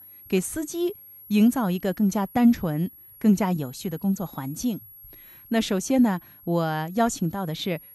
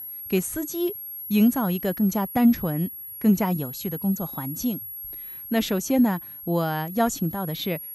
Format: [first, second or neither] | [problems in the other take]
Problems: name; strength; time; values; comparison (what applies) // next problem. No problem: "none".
first | high-pitched whine; loud; throughout; 11.5 kHz, 10 dB below the speech; faint in the first